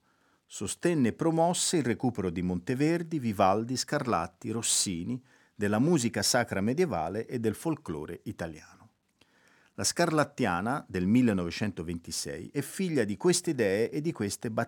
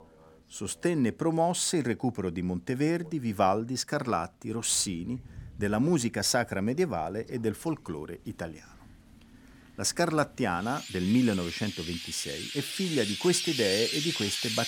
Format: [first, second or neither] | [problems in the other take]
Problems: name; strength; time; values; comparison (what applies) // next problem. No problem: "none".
first | animal sounds; loud; throughout; 4 dB below the speech